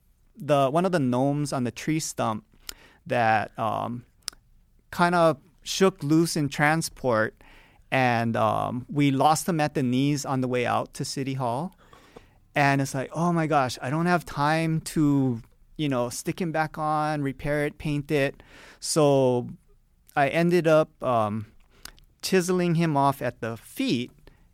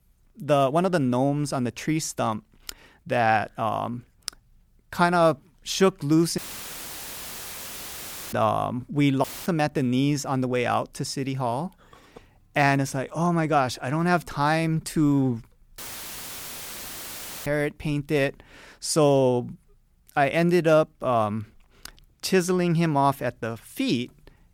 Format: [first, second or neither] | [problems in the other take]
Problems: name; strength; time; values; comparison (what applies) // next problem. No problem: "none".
first | audio cutting out; filled with static; at 6.5 s for 2 s, at 9 s and at 16 s for 1.5 s